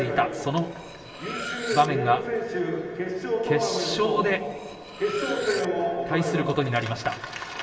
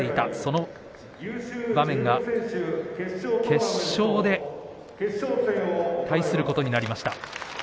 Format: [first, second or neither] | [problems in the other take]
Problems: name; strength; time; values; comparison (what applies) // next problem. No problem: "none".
second | background sound (Cutlery, silverware); 12 dB below the speech // room echo; dies away in 2.3 s